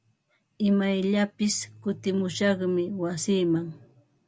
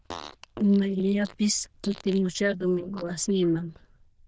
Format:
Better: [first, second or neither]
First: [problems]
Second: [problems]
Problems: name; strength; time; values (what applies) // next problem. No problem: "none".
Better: first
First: none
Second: noise reduction (neural diffusion model UNIVERSE++)